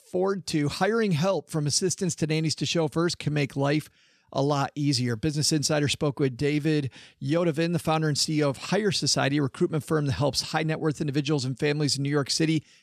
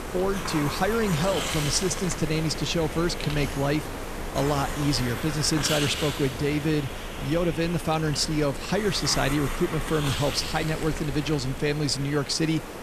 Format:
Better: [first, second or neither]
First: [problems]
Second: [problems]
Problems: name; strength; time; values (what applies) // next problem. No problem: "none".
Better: first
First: none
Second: hiss; loud; throughout; 6 dB below the speech